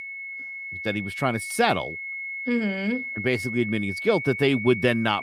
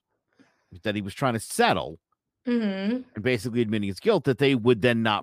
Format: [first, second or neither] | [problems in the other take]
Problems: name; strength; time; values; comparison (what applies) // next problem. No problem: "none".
second | high-pitched whine; loud; throughout; 2 kHz, 7 dB below the speech